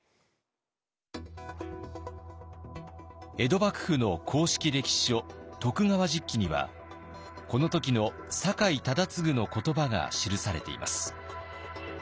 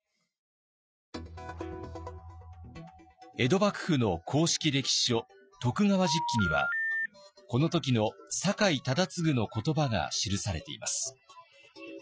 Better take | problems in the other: first | noise reduction (classical method Wiener filter)

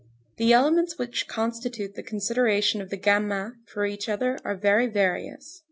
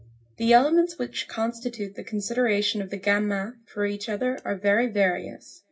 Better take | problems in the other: first | room echo; dies away in 0.4 s

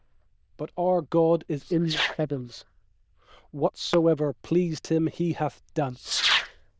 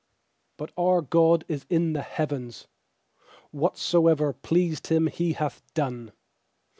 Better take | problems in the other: second | noise reduction (neural diffusion model UNIVERSE++)

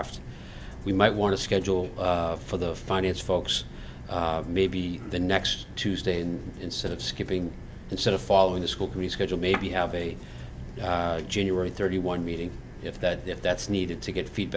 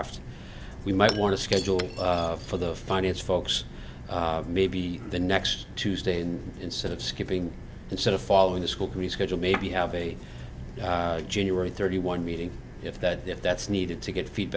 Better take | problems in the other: first | background sound (Shatter / Crushing); 14 dB below the speech

